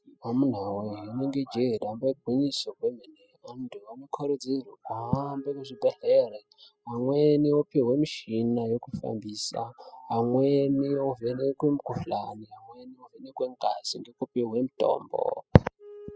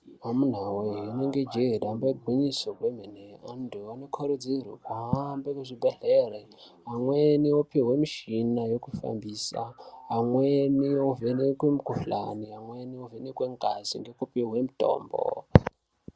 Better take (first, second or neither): second